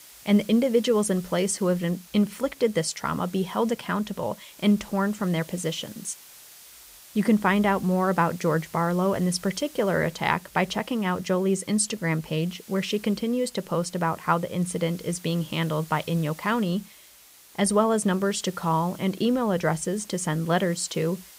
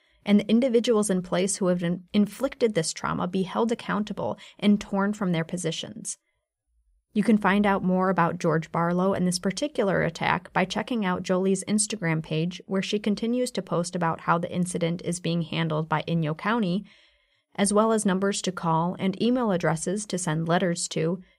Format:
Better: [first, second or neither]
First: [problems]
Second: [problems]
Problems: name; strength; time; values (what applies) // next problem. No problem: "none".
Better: second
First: hiss; faint; throughout; 20 dB below the speech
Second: none